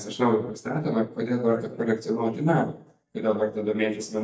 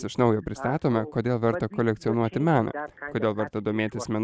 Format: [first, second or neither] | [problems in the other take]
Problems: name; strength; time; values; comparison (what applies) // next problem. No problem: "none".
second | noise reduction (neural mask model DeepFilterNet 3)